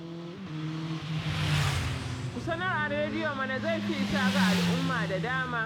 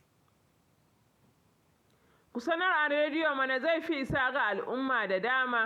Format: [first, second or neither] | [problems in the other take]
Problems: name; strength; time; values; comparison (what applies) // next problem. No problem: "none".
second | background sound (Motorcycle); 3 dB above the speech